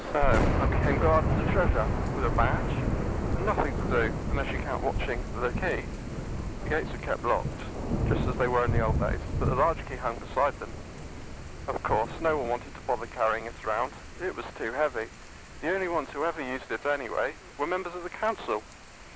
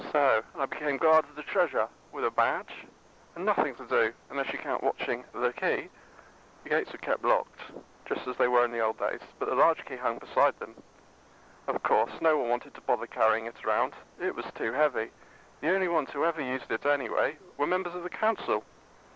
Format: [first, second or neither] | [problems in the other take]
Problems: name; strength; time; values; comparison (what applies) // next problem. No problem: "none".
second | background sound (Thunder / Rain); as loud as the speech